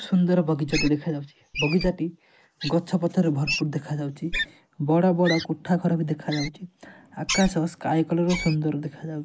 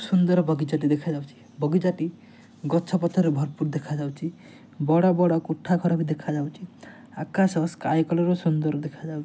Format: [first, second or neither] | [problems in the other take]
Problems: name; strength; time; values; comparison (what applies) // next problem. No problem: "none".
second | noise reduction (neural mask model Resemble Enhance denoiser)